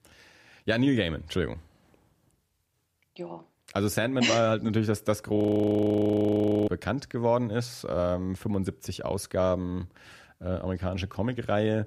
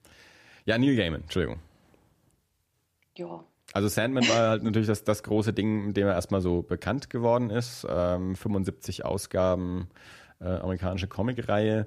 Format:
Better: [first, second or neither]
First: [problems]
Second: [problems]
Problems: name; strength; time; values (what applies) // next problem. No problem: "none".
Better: second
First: audio freezing; at 5.5 s for 1.5 s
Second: none